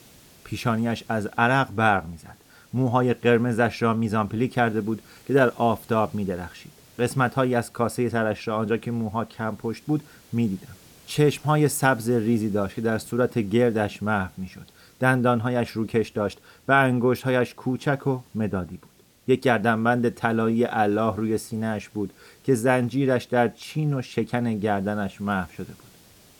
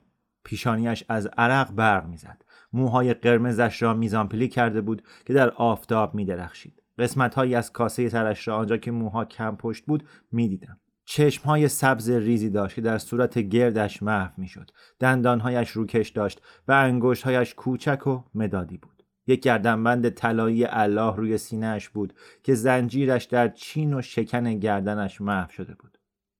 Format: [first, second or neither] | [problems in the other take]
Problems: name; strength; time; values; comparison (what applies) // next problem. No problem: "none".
second | hiss; faint; throughout; 30 dB below the speech